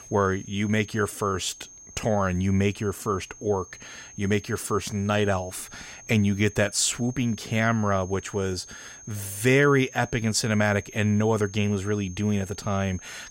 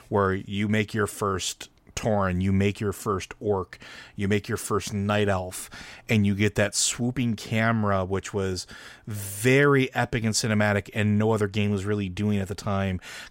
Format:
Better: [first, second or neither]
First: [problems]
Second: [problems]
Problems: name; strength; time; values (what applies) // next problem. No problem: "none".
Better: second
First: high-pitched whine; noticeable; throughout; 6.5 kHz, 20 dB below the speech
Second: none